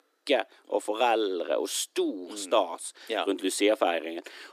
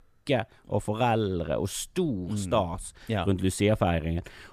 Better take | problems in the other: second | thin; somewhat; fading below 300 Hz

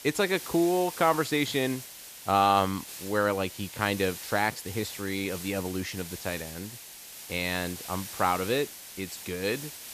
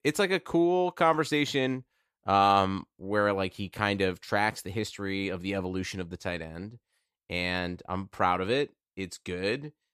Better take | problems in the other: second | hiss; noticeable; throughout; 10 dB below the speech

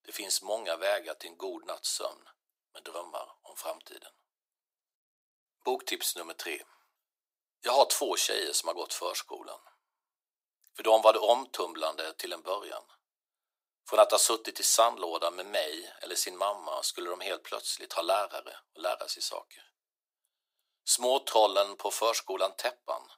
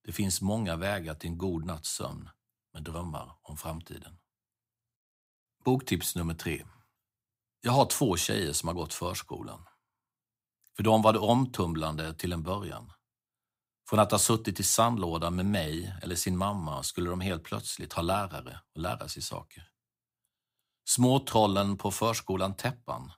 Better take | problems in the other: second | thin; very; fading below 400 Hz

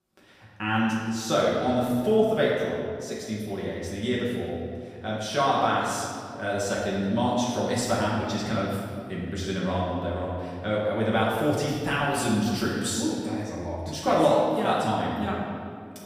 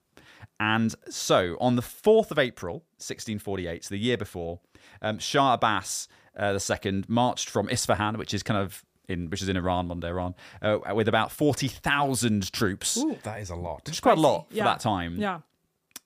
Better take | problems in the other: second | room echo; noticeable; dies away in 1.9 s // off-mic speech; far

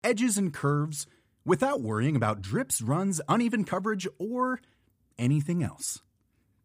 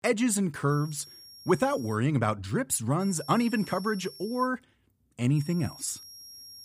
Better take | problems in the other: first | high-pitched whine; noticeable; from 0.5 to 2 s, from 3 to 4.5 s and from 5.5 s on; 5.5 kHz, 20 dB below the speech

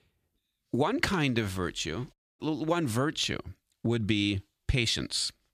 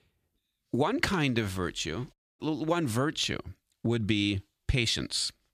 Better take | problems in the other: neither | audio cutting out; at 2 s; the same in both

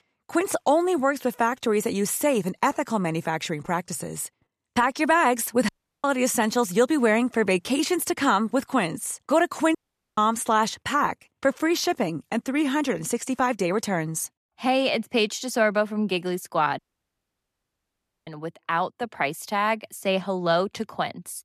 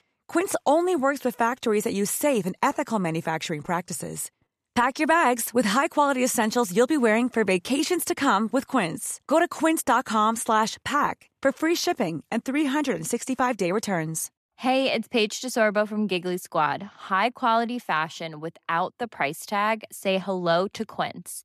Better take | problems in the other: second | audio cutting out; at 5.5 s, at 10 s and at 17 s for 1.5 s

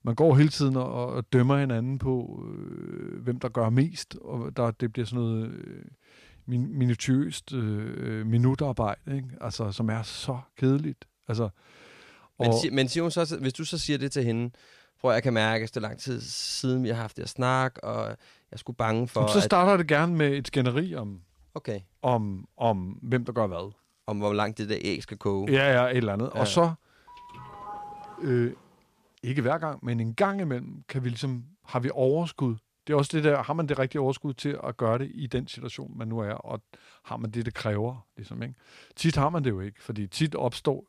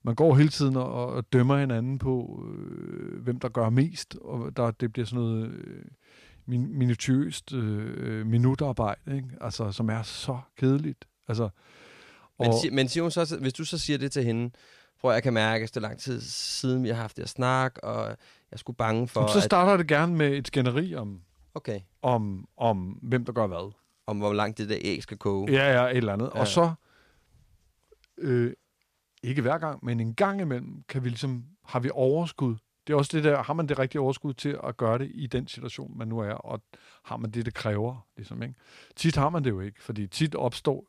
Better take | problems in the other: second | doorbell; faint; from 27 to 29 s; peak 10 dB below the speech

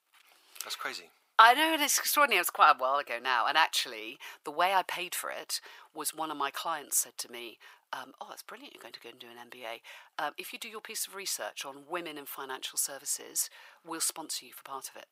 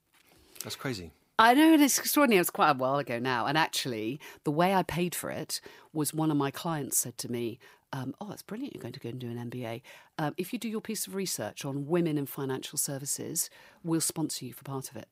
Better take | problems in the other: second | thin; very; fading below 750 Hz

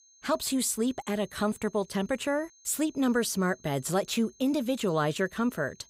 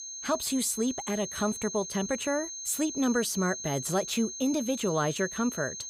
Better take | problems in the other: first | high-pitched whine; loud; throughout; 6.5 kHz, 7 dB below the speech; faint in the first

